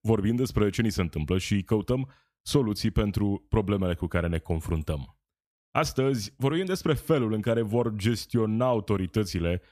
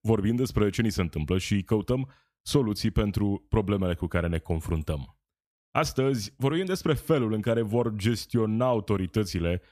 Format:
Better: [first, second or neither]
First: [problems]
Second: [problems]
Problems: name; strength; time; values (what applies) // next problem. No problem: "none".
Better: neither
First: none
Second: none